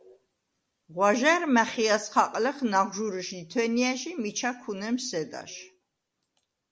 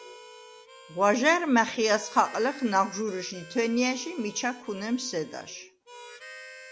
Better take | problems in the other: first | background sound (Harmonica); 19 dB below the speech

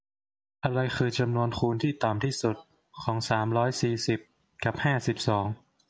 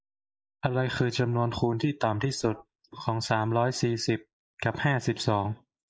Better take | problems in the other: first | noise reduction (neural mask model Resemble Enhance denoiser)

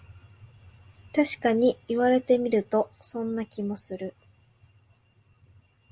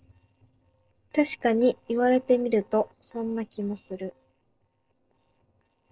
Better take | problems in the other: first | noise reduction (neural separator model SepFormer DNS4)

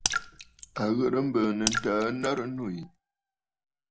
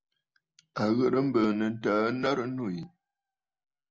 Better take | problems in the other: second | background sound (Raindrop / Splash, splatter); 5 dB below the speech

